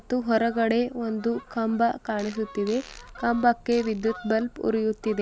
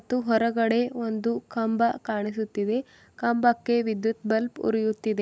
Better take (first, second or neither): second